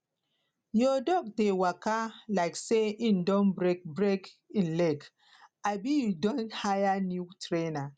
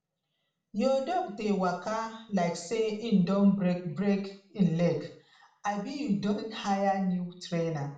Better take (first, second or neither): first